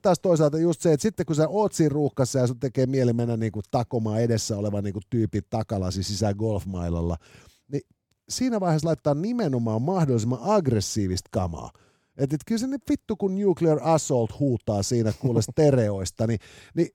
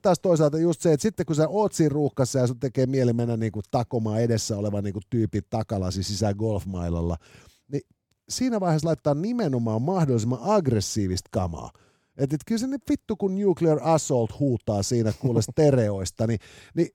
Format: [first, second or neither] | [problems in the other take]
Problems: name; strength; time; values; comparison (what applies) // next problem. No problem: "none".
neither | none